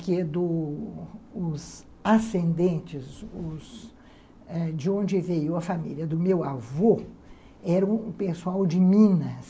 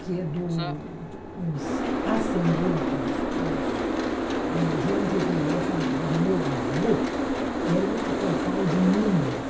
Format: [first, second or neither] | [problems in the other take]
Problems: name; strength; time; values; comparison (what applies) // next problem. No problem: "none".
first | background sound (Boat, Water vehicle); 1 dB above the speech // room echo; dies away in 0.3 s